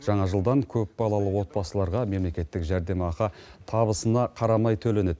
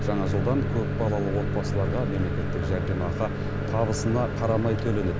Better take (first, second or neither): first